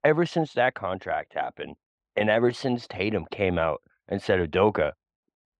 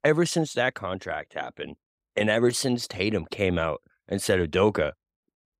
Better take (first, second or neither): second